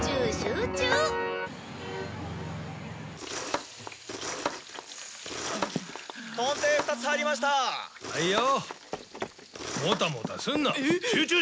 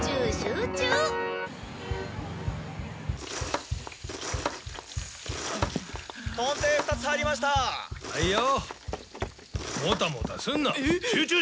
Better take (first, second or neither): first